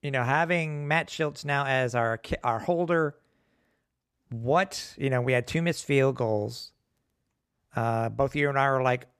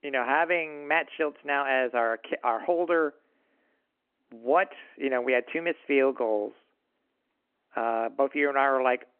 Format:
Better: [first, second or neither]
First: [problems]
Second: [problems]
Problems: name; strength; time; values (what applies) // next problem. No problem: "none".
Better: first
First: none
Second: phone-call audio